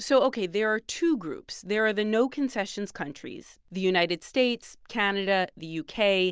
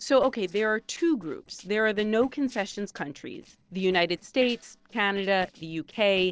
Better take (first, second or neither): first